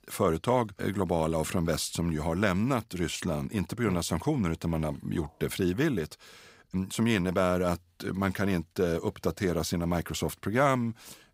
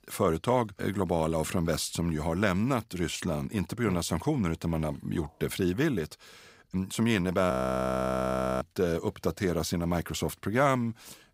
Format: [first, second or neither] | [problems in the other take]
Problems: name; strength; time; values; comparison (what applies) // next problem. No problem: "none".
first | audio freezing; at 7.5 s for 1 s